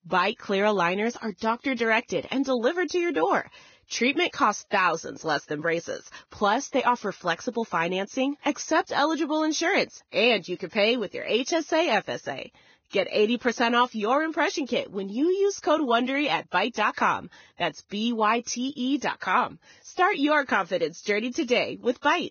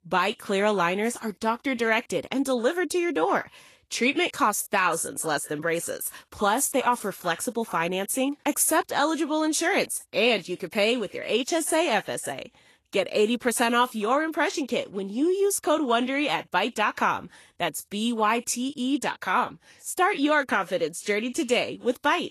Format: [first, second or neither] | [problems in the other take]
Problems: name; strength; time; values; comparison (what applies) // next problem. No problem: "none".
second | garbled, watery; badly; nothing above 6.5 kHz; slightly in the second